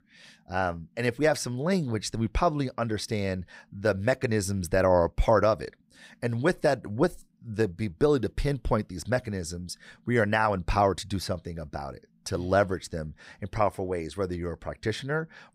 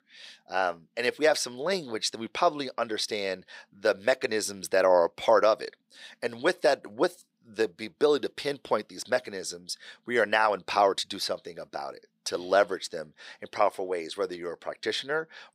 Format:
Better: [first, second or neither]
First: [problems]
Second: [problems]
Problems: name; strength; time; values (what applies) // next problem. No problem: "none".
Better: first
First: none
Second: thin; somewhat; fading below 450 Hz